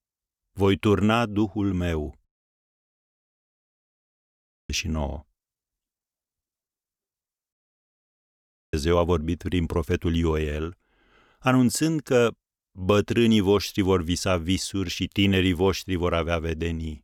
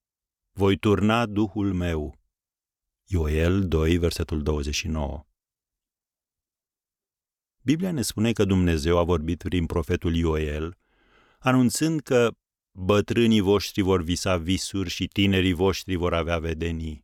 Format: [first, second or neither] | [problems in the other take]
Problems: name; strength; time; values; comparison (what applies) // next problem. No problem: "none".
second | audio cutting out; at 2.5 s for 2.5 s and at 7.5 s for 1 s